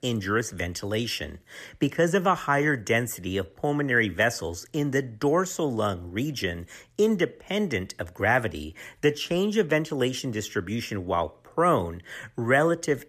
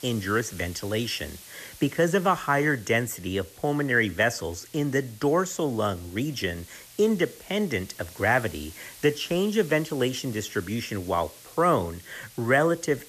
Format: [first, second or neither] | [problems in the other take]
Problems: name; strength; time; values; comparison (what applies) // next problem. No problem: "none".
first | hiss; noticeable; throughout; 20 dB below the speech